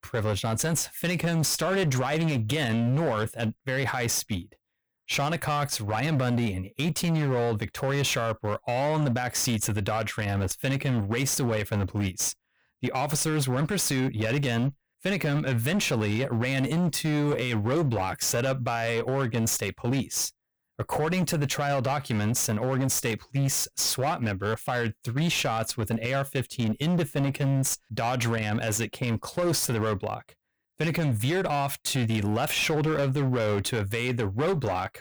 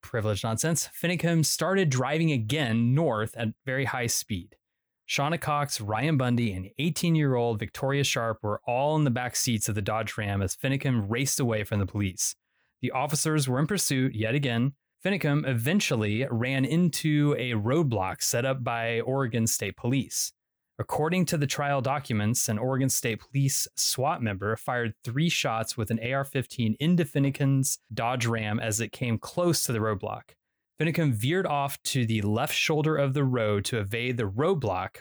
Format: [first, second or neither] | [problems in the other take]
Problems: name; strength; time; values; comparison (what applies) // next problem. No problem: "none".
second | distortion; slight; 21% of the sound clipped